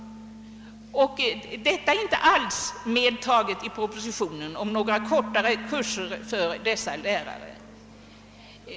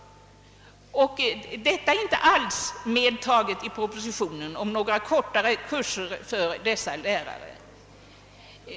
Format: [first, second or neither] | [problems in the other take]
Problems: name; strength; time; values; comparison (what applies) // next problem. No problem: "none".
second | background sound (Bass guitar); 15 dB below the speech